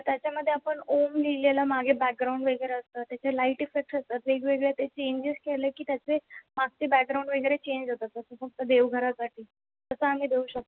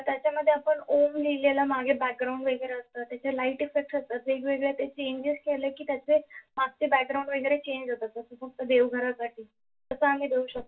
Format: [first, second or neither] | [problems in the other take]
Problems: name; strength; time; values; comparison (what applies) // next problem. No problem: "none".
first | room echo; dies away in 0.1 s